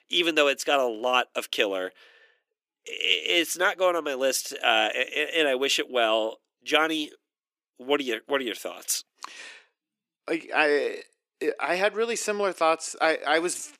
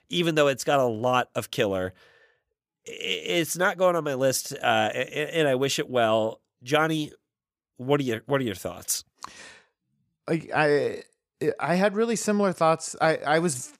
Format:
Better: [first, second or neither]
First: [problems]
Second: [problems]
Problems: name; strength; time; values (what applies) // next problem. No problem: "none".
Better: second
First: thin; somewhat; fading below 300 Hz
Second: none